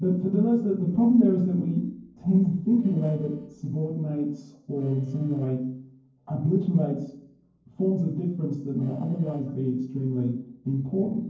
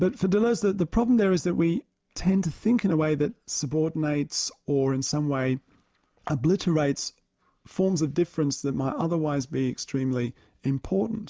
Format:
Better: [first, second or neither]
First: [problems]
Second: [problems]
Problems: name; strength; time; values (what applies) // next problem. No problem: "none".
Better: second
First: noise reduction (neural separator model SepFormer DNS4)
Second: none